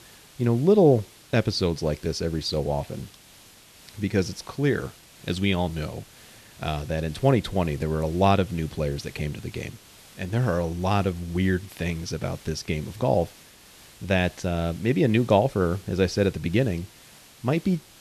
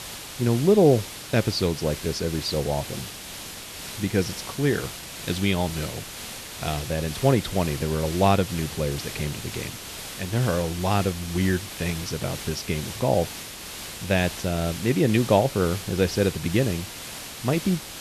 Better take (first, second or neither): first